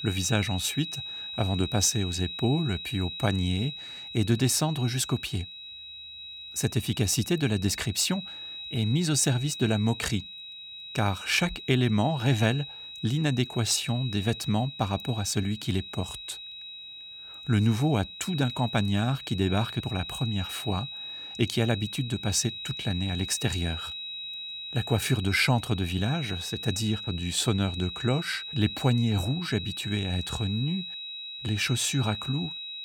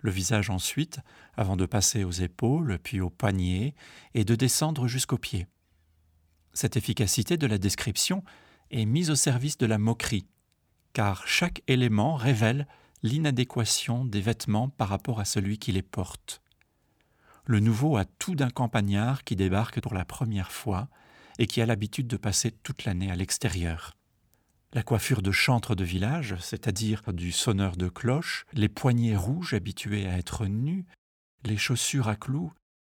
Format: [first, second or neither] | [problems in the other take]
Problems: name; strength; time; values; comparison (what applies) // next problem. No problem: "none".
second | high-pitched whine; loud; throughout; 4 kHz, 9 dB below the speech